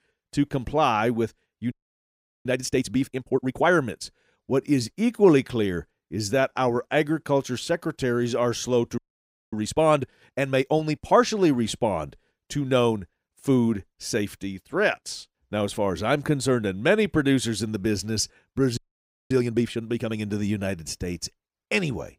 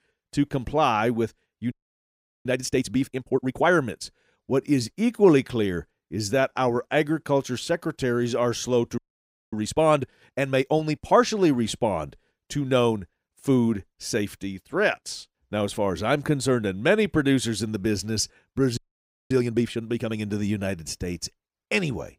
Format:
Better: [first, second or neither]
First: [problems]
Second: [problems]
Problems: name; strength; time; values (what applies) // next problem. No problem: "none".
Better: neither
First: audio freezing; at 1.5 s for 0.5 s, at 9 s for 0.5 s and at 19 s for 0.5 s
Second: audio freezing; at 1.5 s for 0.5 s, at 9 s for 0.5 s and at 19 s for 0.5 s